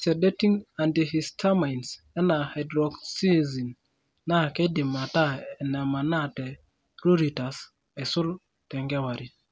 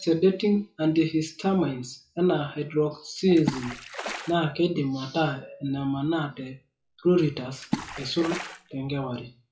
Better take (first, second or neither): first